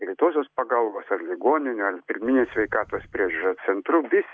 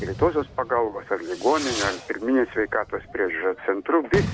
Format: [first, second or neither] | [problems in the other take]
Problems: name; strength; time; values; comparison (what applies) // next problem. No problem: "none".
first | background sound (Fireworks); 10 dB below the speech